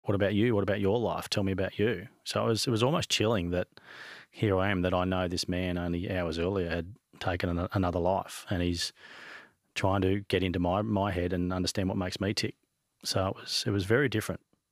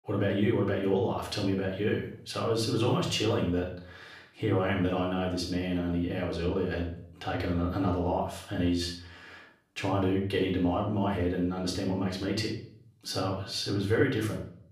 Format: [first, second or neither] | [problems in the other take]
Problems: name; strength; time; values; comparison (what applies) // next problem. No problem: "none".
first | off-mic speech; far // room echo; noticeable; dies away in 0.4 s